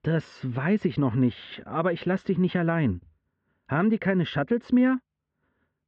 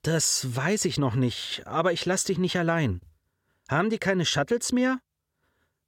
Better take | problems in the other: second | muffled; very; fading above 3 kHz

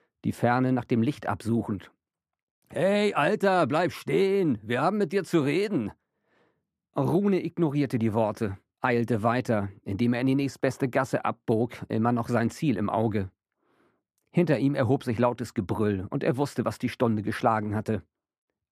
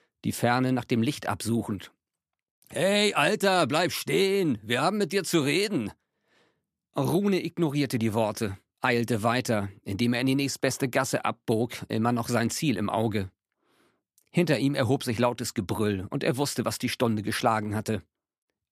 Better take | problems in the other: second | muffled; slightly; fading above 2.5 kHz

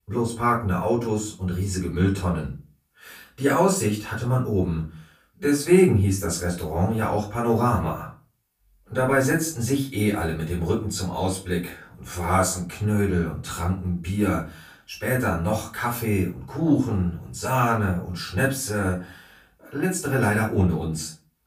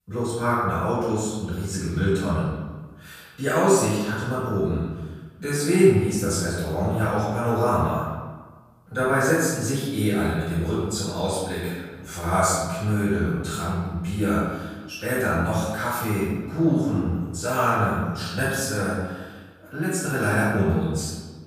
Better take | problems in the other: first | room echo; strong; dies away in 1.2 s; slight in the first // off-mic speech; far; far in the first

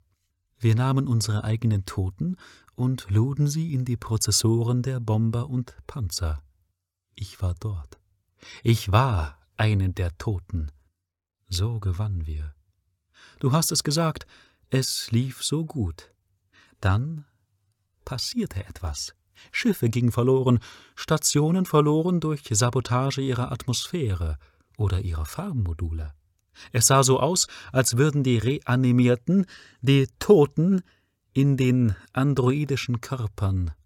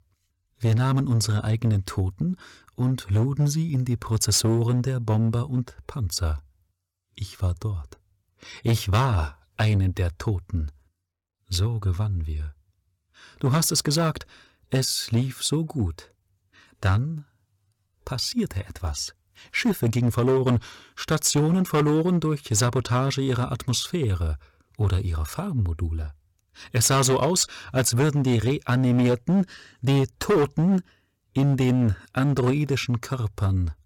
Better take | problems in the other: first | distortion; slight; 6% of the sound clipped

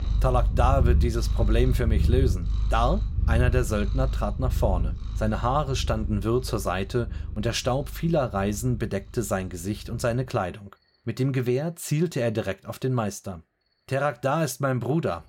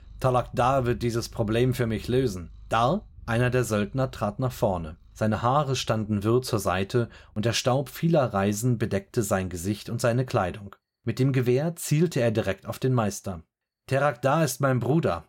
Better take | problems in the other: second | animal sounds; loud; throughout; 1 dB below the speech; faint in the second

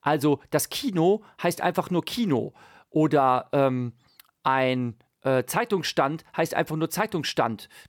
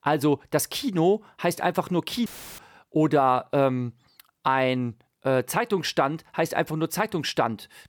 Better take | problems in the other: first | audio cutting out; filled with static; at 2.5 s

